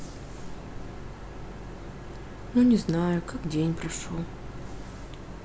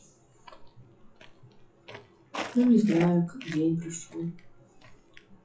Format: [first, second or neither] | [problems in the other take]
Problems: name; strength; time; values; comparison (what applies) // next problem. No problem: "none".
first | noise reduction (classical method WPE with log-MMSE)